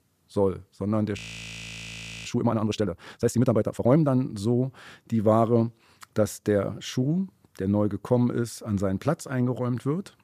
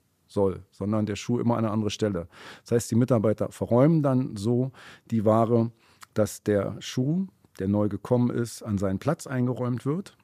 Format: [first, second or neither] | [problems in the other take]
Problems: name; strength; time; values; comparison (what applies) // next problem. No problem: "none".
second | audio freezing; at 1 s for 1 s